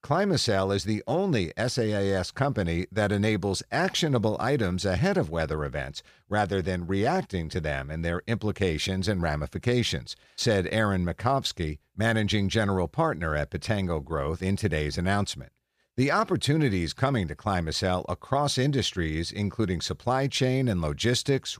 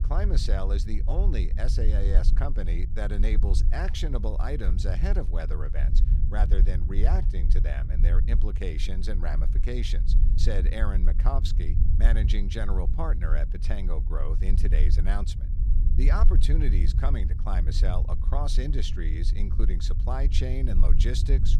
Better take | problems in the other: first | low rumble; loud; throughout; 9 dB below the speech

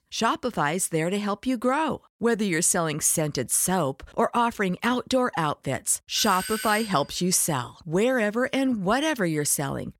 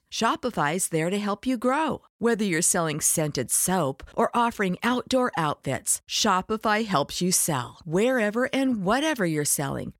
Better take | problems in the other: second | doorbell; noticeable; at 6 s; peak 7 dB below the speech

